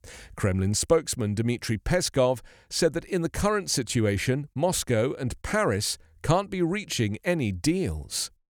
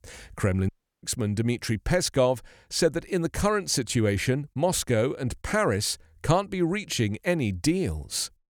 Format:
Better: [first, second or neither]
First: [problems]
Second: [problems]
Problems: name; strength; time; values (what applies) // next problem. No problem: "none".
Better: first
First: none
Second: audio cutting out; at 0.5 s